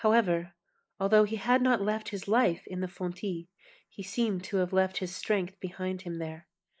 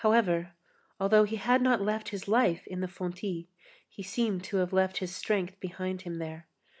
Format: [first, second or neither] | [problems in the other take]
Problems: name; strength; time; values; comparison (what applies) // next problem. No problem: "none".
second | noise reduction (neural mask model Resemble Enhance denoiser)